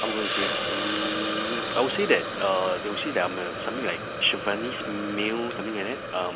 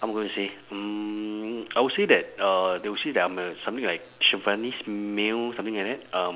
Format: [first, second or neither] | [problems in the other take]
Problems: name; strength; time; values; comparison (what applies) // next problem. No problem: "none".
second | background sound (Hiss); 3 dB below the speech